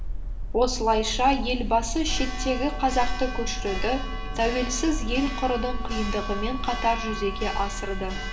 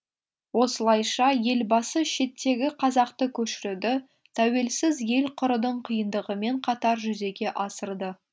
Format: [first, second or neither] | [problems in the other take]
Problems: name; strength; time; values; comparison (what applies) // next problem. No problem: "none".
second | background sound (Church bell); 2 dB below the speech // room echo; dies away in 2.6 s